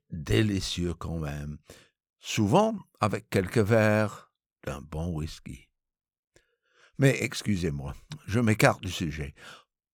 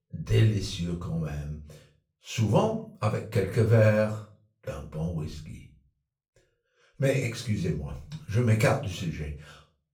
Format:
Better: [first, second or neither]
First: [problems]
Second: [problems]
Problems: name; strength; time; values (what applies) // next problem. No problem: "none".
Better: first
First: none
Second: room echo; slight; dies away in 0.3 s // off-mic speech; far